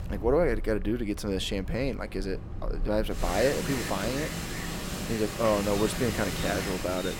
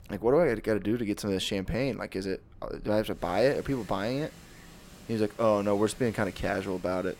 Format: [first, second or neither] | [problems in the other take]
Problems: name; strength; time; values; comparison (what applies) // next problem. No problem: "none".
second | wind in the background; loud; throughout; 5 dB below the speech; faint in the second